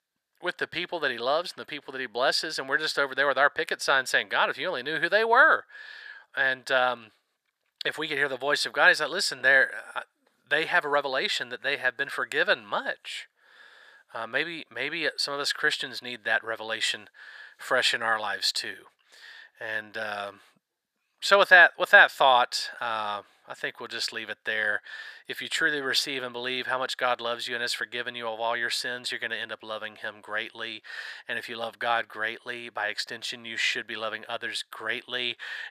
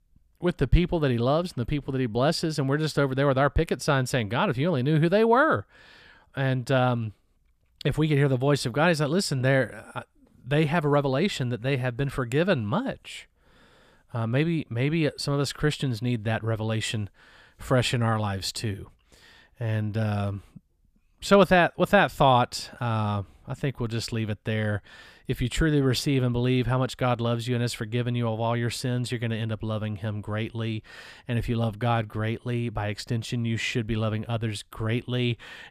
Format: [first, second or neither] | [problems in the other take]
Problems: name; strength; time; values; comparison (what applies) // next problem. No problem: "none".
second | thin; very; fading below 650 Hz